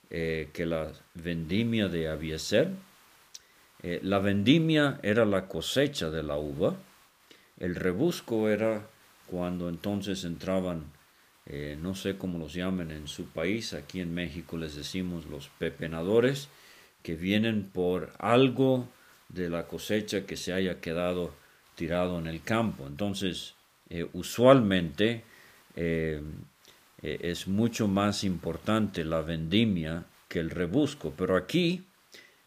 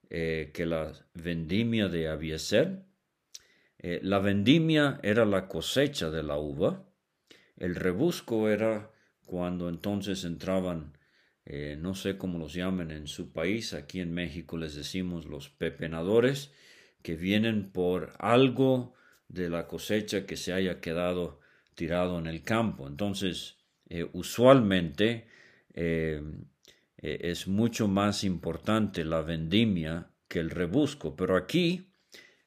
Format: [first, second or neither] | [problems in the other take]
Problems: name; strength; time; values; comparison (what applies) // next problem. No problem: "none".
second | hiss; faint; throughout; 30 dB below the speech